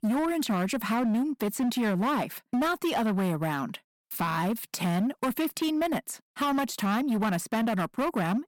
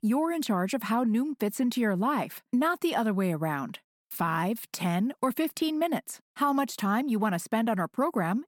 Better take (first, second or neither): second